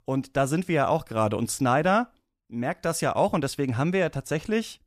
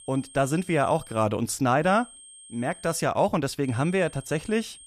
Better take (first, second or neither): first